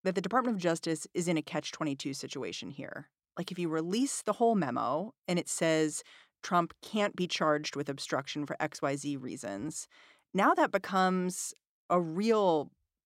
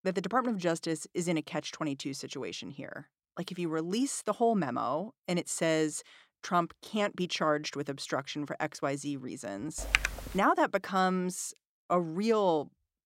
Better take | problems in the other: first | keyboard typing; loud; at 10 s; peak 3 dB above the speech

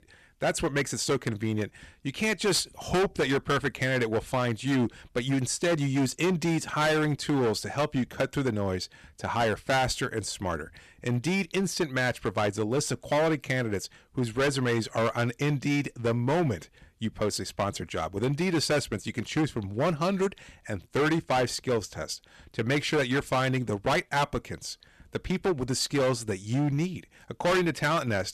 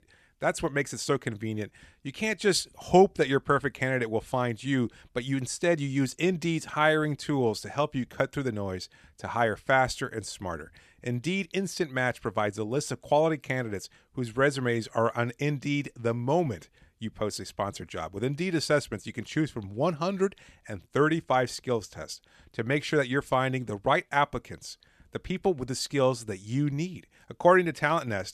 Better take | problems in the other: second | distortion; heavy; 12% of the sound clipped

